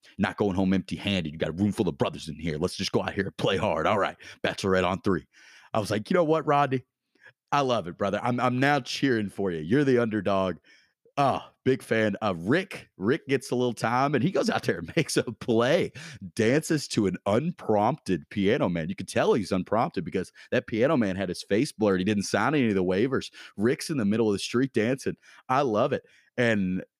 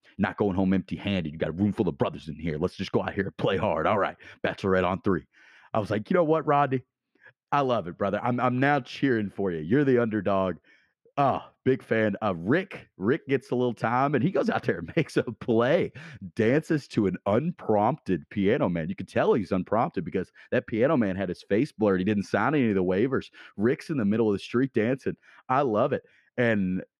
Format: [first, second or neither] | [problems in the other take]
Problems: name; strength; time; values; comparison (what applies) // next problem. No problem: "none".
first | muffled; slightly; fading above 3.5 kHz